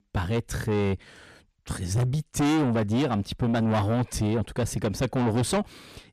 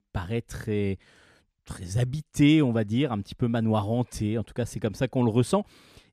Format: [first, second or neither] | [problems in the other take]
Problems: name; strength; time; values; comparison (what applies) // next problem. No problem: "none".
second | distortion; heavy; 6 dB below the speech